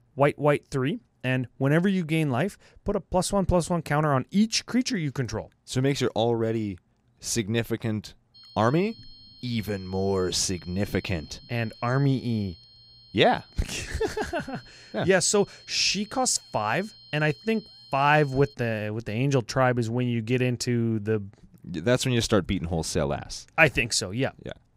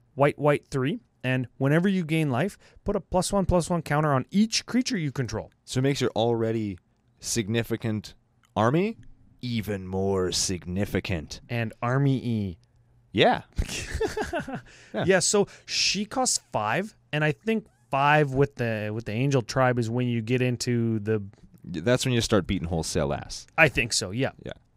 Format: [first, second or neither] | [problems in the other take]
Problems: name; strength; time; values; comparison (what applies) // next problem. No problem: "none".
second | high-pitched whine; faint; from 8.5 to 19 s; 4 kHz, 20 dB below the speech